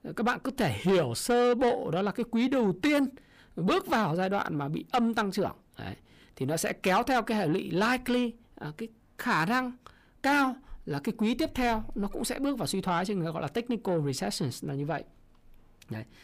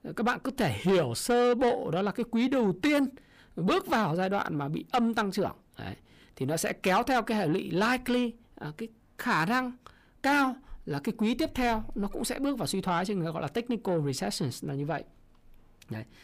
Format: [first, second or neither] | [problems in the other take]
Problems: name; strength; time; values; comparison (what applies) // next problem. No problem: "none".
neither | distortion; slight; 10 dB below the speech; the same in both